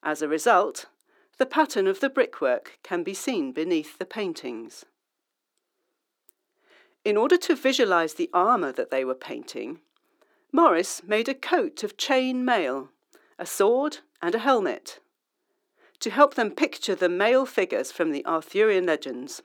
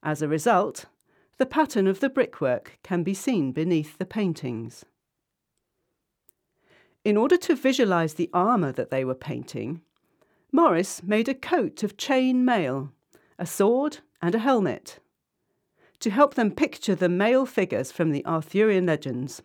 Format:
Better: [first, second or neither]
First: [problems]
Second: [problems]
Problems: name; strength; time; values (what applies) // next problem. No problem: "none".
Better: second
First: thin; somewhat; fading below 300 Hz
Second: none